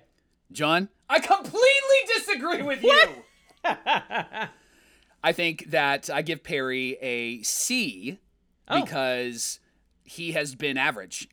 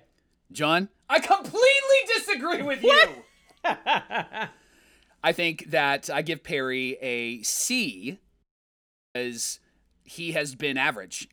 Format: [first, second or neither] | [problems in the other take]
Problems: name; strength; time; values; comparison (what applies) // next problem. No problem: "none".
first | audio cutting out; at 8.5 s for 0.5 s